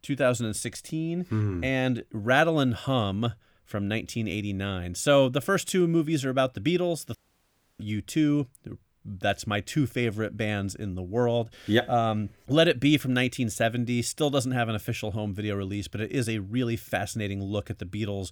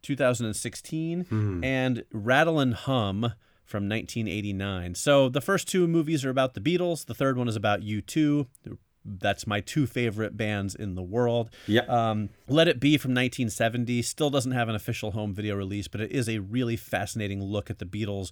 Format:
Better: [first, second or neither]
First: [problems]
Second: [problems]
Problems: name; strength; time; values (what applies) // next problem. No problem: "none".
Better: second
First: audio cutting out; at 7 s for 0.5 s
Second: none